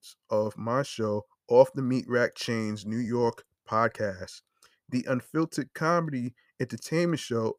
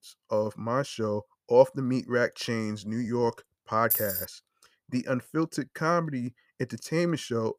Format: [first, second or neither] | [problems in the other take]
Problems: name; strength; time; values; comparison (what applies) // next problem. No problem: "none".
first | jangling keys; loud; at 4 s; peak 2 dB above the speech